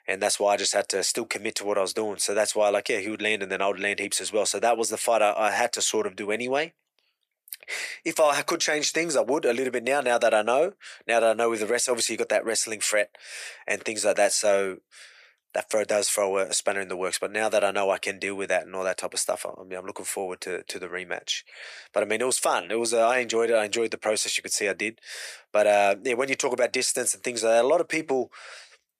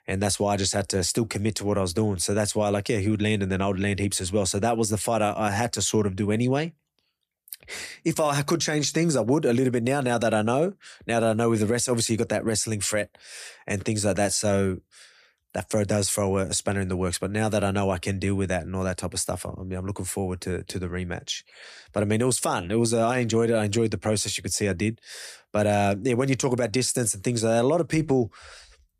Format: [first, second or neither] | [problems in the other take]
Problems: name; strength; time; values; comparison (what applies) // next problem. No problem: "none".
second | thin; very; fading below 500 Hz